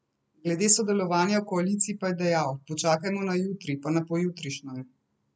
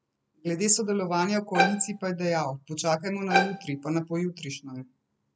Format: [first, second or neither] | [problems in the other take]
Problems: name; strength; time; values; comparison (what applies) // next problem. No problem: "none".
first | background sound (Bowed string instrument); 1 dB below the speech